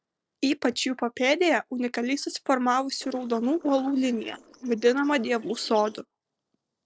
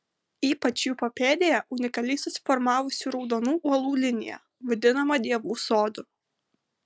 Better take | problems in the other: second | noise reduction (neural separator model SepFormer DNS4)

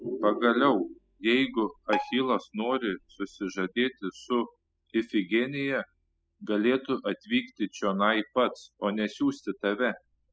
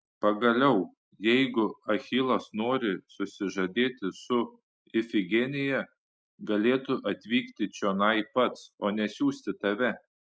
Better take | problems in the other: second | noise reduction (classical method spectral subtraction)

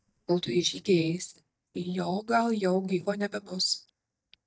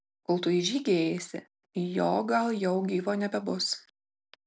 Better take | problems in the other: second | noise reduction (neural mask model DeepFilterNet 3)

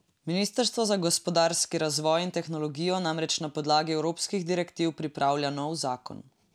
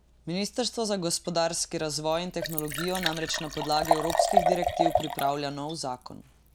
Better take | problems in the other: first | background sound (Liquid); as loud as the speech

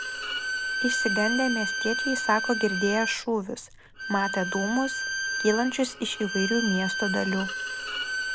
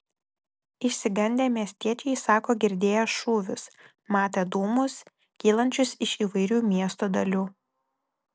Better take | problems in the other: second | background sound (Bowed string instrument); 2 dB below the speech

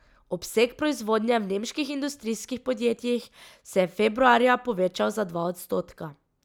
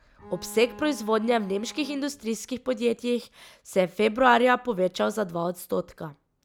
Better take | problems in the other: first | background sound (Bowed string instrument); 20 dB below the speech

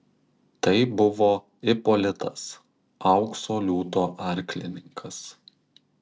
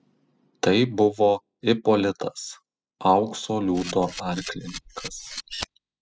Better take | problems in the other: first | noise reduction (classical method spectral subtraction)

